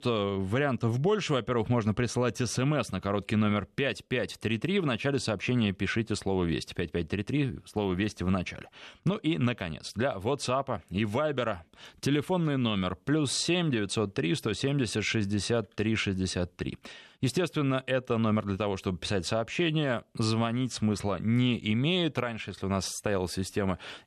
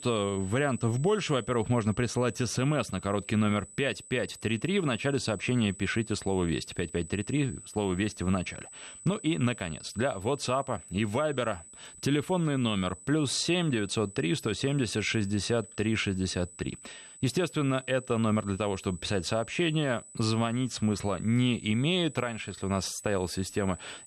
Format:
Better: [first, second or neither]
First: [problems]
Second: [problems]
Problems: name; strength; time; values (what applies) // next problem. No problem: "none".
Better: first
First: none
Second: high-pitched whine; noticeable; throughout; 8 kHz, 15 dB below the speech